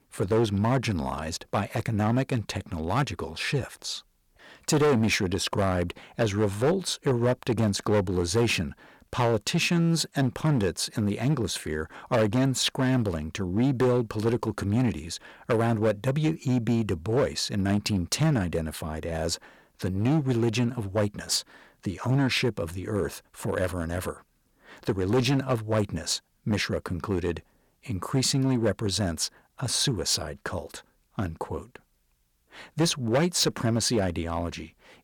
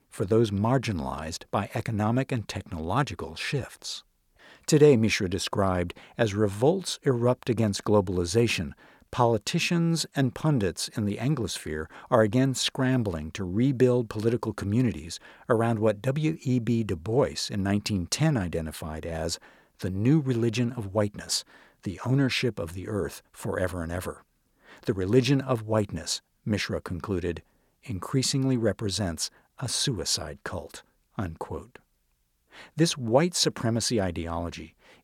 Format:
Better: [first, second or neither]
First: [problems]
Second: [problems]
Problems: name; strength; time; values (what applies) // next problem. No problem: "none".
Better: second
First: distortion; slight; 6% of the sound clipped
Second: none